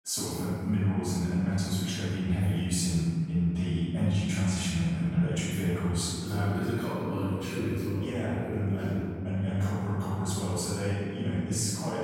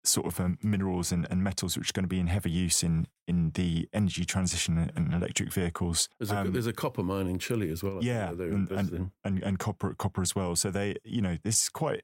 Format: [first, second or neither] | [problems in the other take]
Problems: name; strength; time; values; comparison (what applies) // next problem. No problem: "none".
second | room echo; strong; dies away in 2.1 s // off-mic speech; far